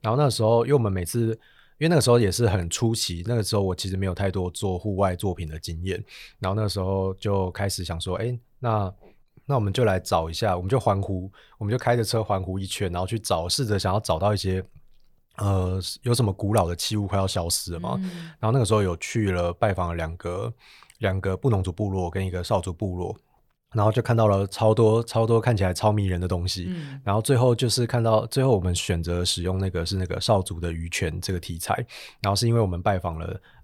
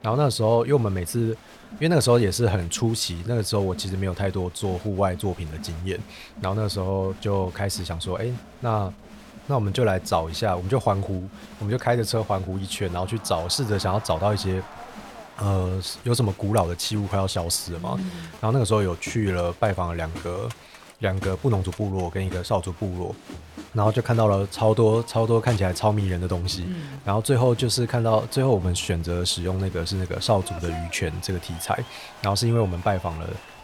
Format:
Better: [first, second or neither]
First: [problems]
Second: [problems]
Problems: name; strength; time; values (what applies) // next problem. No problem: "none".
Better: first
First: none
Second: crowd noise; noticeable; throughout; 20 dB below the speech